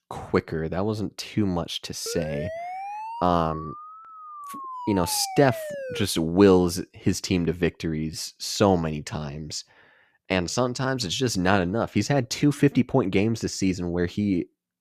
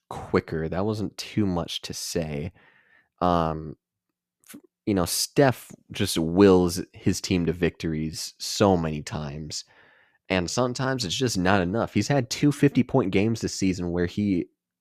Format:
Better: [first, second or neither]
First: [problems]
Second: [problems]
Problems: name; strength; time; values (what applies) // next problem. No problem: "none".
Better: second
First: siren; noticeable; from 2 to 6 s; peak 9 dB below the speech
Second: none